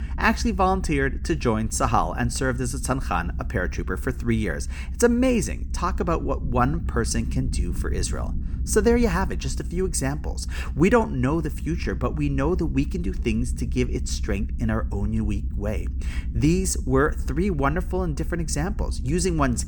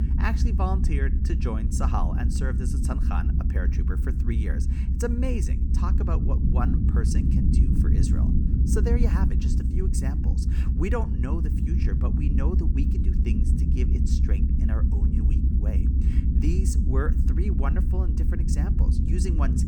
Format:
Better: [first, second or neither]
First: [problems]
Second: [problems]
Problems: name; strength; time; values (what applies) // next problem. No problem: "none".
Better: first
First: low rumble; faint; throughout; 20 dB below the speech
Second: low rumble; loud; throughout; 2 dB below the speech